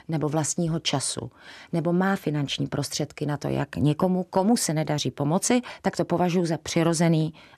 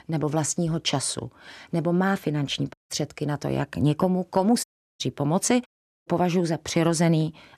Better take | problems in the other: first | audio cutting out; at 2.5 s, at 4.5 s and at 5.5 s

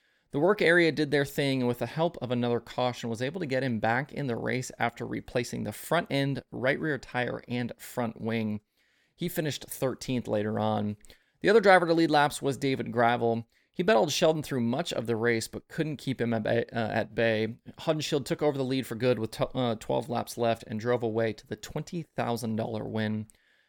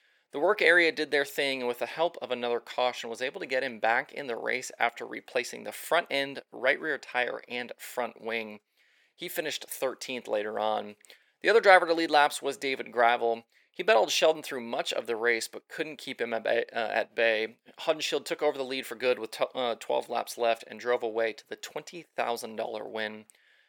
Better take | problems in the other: first | thin; somewhat; fading below 550 Hz

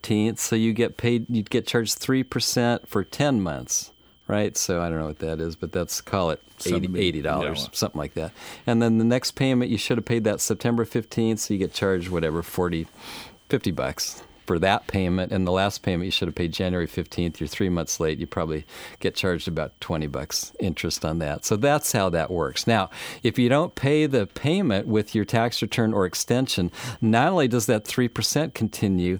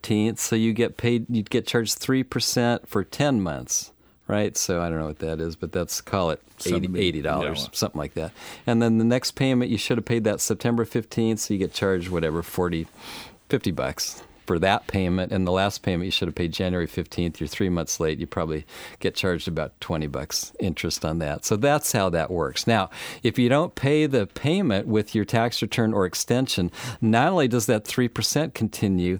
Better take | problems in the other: second | high-pitched whine; faint; throughout; 3 kHz, 35 dB below the speech

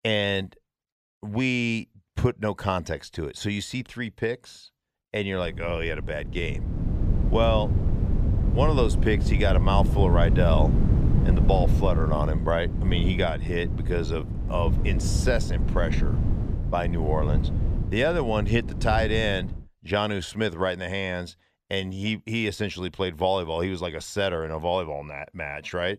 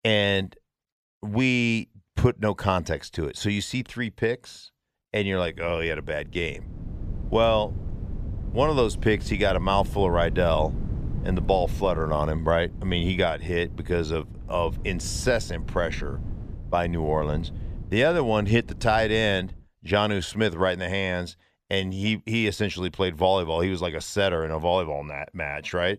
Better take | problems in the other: second | wind noise on the microphone; heavy; from 5.5 to 20 s; 9 dB below the speech; occasional gusts in the second

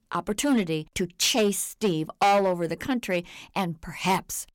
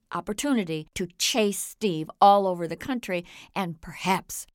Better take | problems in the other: second | distortion; heavy; 5% of the sound clipped

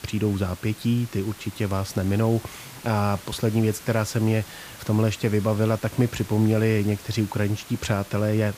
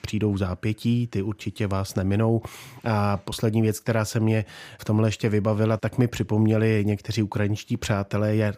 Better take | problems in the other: second | hiss; noticeable; throughout; 15 dB below the speech

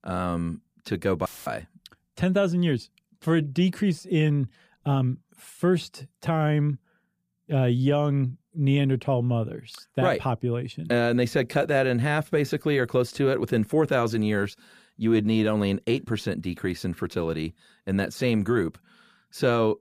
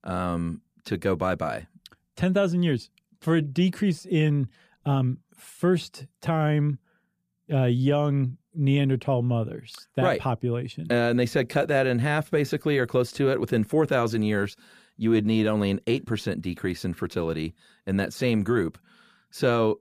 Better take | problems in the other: second | audio cutting out; filled with static; at 1.5 s

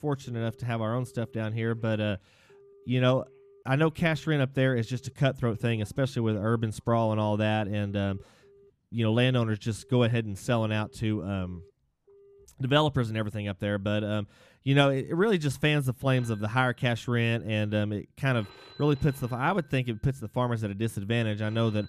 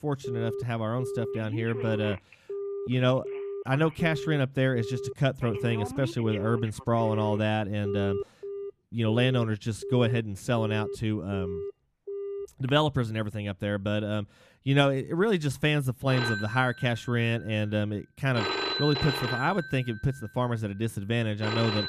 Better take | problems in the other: first | alarms or sirens; loud; throughout; 7 dB below the speech; faint in the first

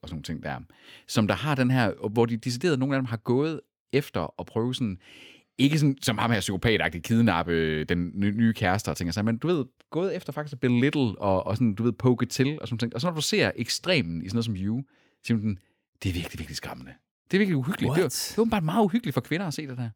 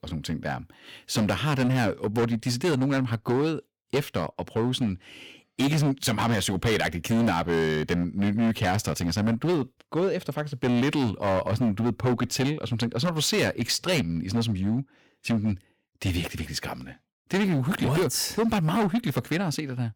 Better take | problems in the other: first | distortion; heavy; 13% of the sound clipped

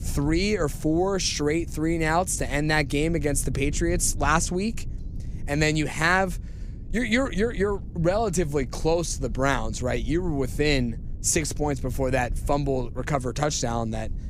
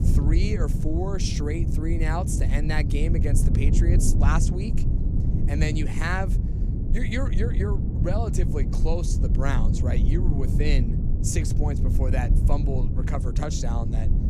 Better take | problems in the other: first | low rumble; loud; throughout; 5 dB below the speech; faint in the first

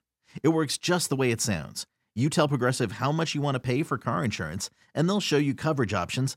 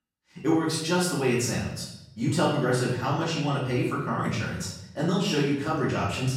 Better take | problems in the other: first | room echo; noticeable; dies away in 0.7 s // off-mic speech; far

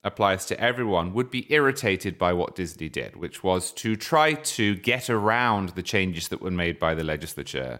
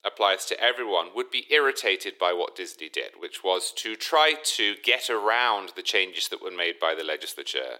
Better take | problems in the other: first | thin; very; fading below 350 Hz

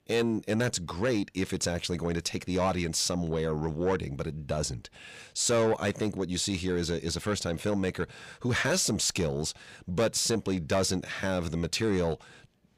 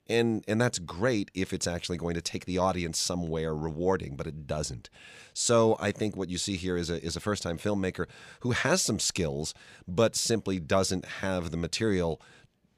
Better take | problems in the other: second | distortion; slight; 10 dB below the speech

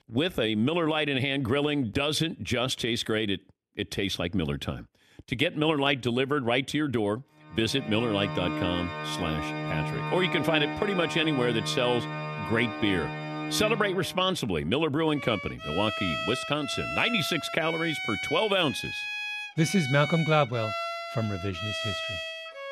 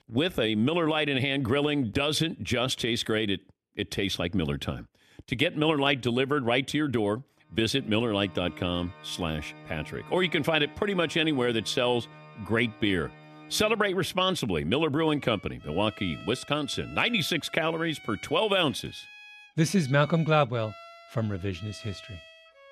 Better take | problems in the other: second | background music; loud; from 8 s on; 6 dB below the speech; faint in the second

